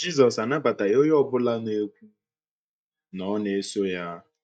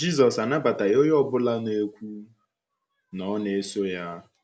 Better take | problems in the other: second | noise reduction (neural mask model DeepFilterNet 3)

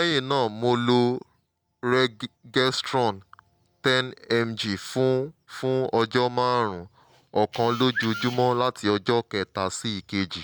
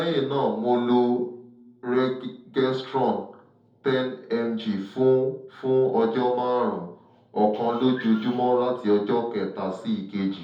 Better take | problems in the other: first | room echo; dies away in 0.6 s

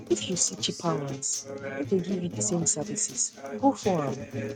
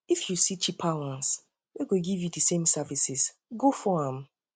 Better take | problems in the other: second | noise reduction (neural mask model RNNoise)

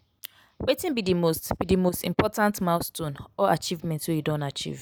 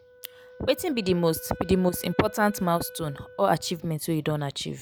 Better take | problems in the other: first | background sound (Wind instrument, woodwind instrument); 20 dB below the speech

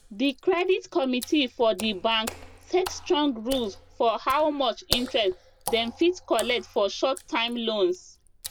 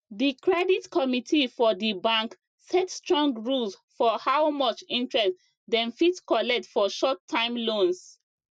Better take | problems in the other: second | background sound (Water / Splash, splatter); 14 dB below the speech

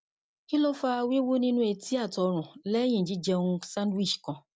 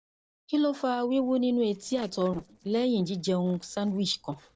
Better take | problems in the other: first | noise reduction (neural separator model SepFormer DNS4)

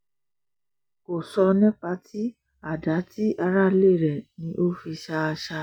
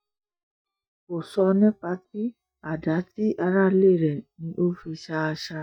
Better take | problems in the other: first | noise reduction (neural mask model DeepFilterNet 3)

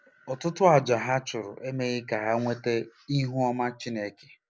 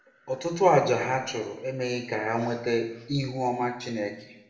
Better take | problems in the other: first | room echo; dies away in 0.9 s

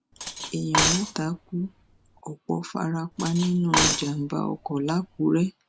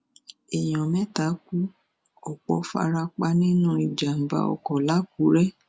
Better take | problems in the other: second | background sound (Cutlery, silverware); 2 dB below the speech

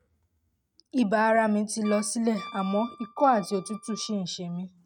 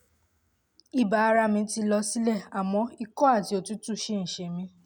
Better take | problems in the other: second | noise reduction (neural mask model RNNoise)

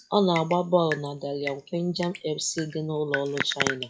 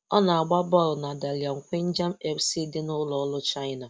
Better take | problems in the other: second | noise reduction (classical method WPE with log-MMSE)

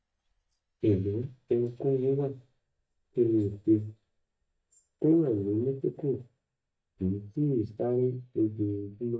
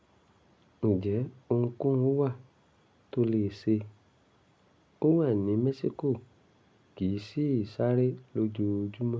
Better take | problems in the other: second | noise reduction (neural mask model DeepFilterNet 3)

